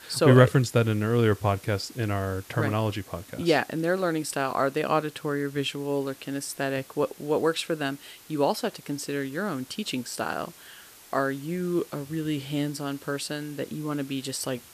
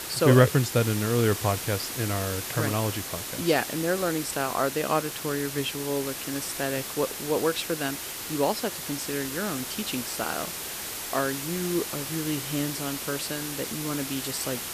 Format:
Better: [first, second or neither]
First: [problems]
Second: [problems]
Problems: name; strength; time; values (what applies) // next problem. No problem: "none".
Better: first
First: hiss; faint; throughout; 20 dB below the speech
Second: hiss; loud; throughout; 4 dB below the speech